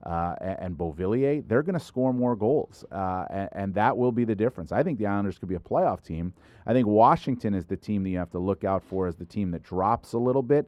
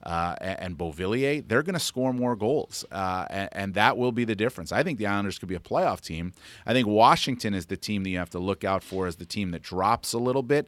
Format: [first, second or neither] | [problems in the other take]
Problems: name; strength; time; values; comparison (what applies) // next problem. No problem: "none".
second | muffled; very; fading above 1.5 kHz